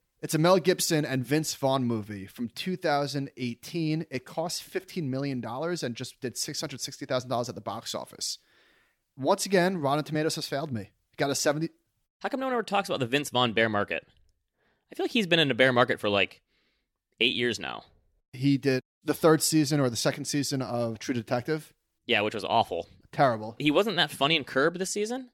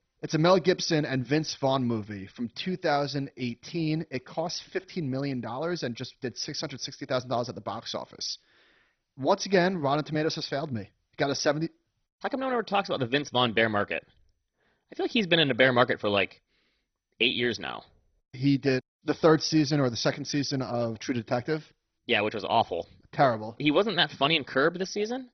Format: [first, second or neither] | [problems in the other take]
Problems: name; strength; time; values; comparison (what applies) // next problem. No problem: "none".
first | garbled, watery; badly; nothing above 6 kHz